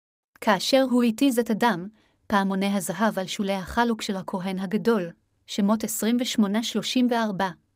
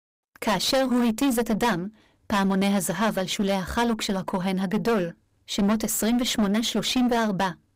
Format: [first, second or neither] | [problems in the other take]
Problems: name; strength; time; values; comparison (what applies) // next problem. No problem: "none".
first | distortion; heavy; 18% of the sound clipped